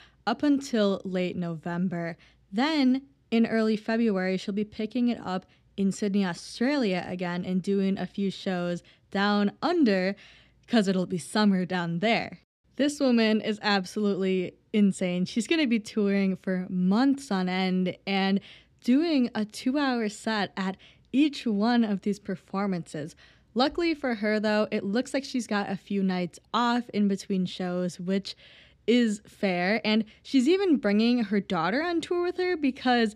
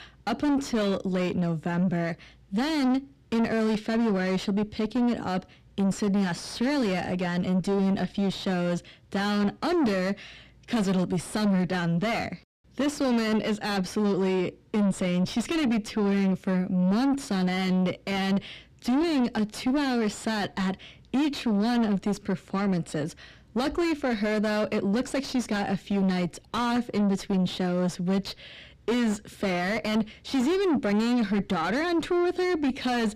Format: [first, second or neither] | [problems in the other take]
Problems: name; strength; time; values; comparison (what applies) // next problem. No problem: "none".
first | distortion; heavy; 7 dB below the speech